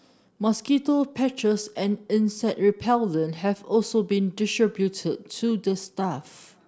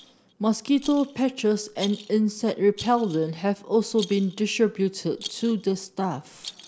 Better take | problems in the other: first | background sound (Rattle); 19 dB below the speech

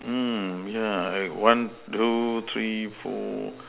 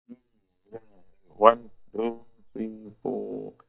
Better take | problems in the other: first | noise reduction (neural mask model DeepFilterNet 3)

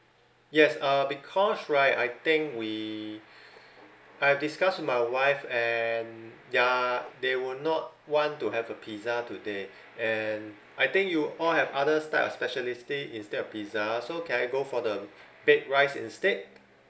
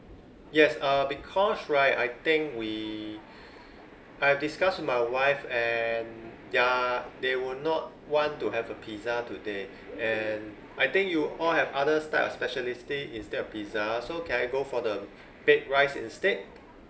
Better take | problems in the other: first | background sound (Subway, metro, underground); 20 dB below the speech

